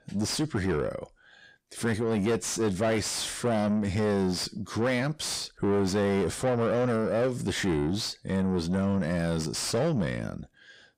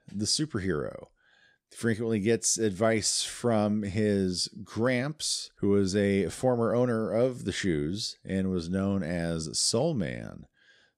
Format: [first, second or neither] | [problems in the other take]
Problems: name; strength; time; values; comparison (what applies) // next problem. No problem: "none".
second | distortion; heavy; 7 dB below the speech